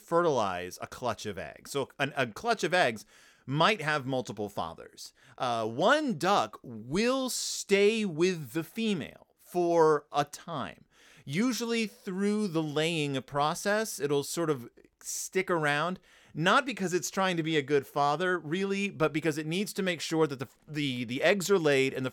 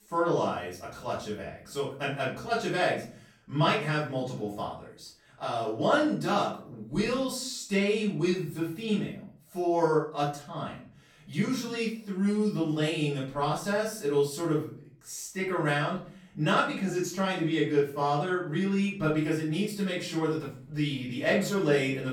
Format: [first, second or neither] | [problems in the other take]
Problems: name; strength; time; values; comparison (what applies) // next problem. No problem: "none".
first | off-mic speech; far // room echo; noticeable; dies away in 0.5 s